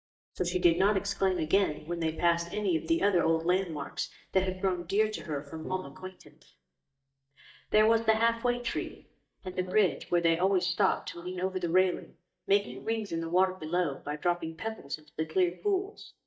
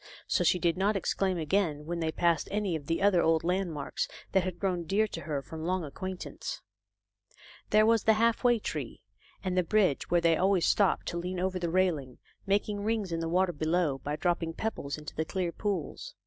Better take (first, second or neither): second